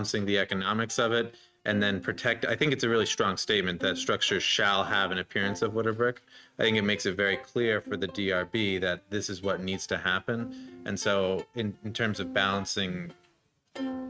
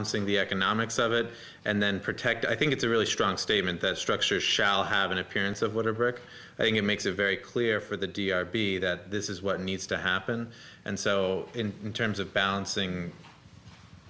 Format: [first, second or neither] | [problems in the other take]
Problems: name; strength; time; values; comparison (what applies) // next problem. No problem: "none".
second | noise reduction (neural mask model RNNoise)